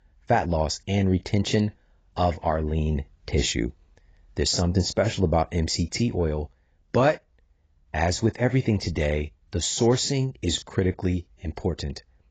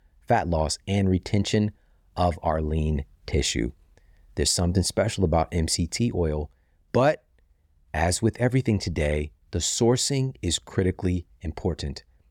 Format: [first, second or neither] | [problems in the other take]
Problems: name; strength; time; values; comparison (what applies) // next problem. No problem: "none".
second | garbled, watery; badly; nothing above 7.5 kHz